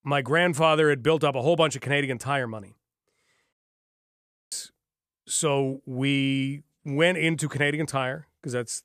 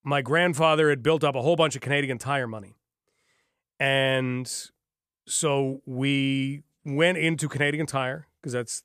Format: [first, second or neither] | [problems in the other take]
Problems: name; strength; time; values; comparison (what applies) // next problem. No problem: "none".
second | audio cutting out; at 3.5 s for 1 s